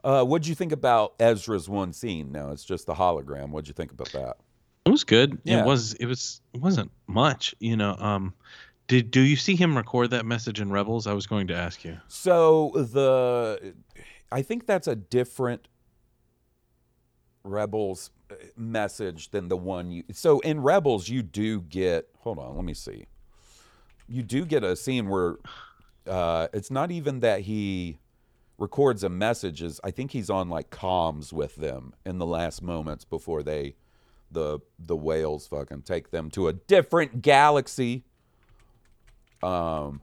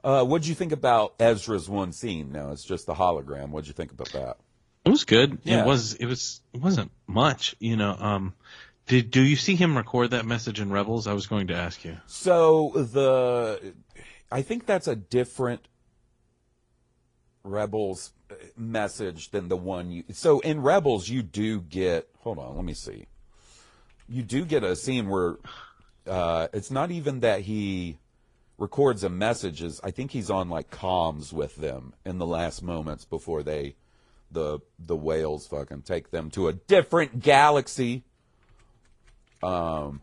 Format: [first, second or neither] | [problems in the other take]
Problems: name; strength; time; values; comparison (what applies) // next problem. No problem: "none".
first | garbled, watery; slightly; nothing above 10 kHz